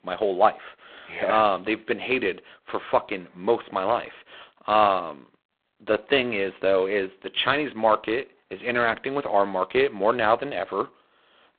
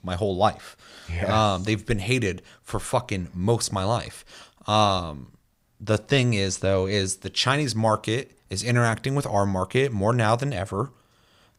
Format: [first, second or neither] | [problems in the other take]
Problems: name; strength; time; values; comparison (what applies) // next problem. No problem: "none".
second | phone-call audio; poor line; nothing above 3.5 kHz